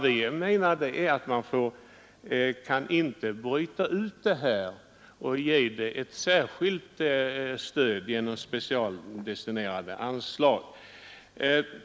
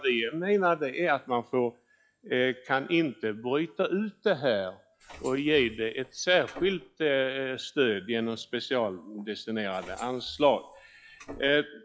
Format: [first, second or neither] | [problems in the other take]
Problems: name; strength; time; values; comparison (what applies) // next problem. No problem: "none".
first | noise reduction (classical method log-MMSE)